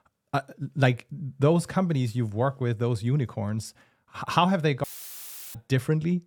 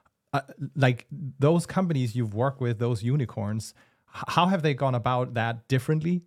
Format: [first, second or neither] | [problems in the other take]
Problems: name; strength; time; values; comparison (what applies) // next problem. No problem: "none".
second | audio cutting out; filled with static; at 5 s for 0.5 s